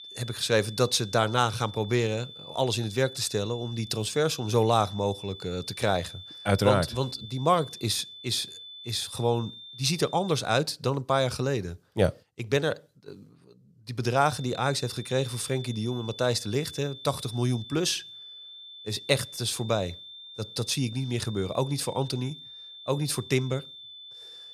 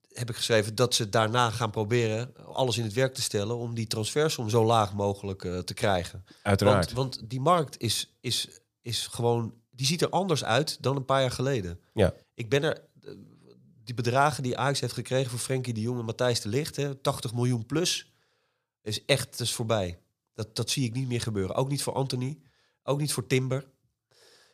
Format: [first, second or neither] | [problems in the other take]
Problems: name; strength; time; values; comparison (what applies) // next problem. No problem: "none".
second | high-pitched whine; noticeable; until 10 s and from 14 s on; 3.5 kHz, 15 dB below the speech